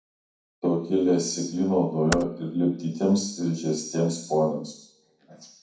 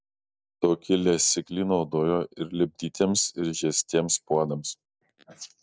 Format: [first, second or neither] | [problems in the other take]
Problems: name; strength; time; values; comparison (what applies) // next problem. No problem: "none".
second | background sound (Computer keyboard); 11 dB below the speech // room echo; dies away in 0.6 s